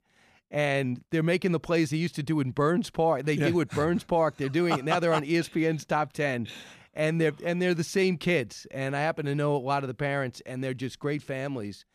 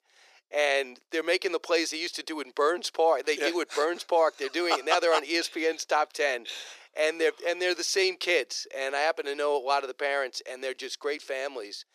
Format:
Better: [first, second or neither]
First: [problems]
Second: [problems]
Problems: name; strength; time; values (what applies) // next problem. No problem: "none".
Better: first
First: none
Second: thin; very; fading below 400 Hz